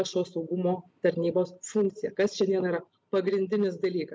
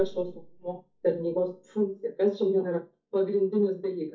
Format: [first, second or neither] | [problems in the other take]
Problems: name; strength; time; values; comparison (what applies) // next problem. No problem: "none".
first | noise reduction (neural mask model DeepFilterNet 3)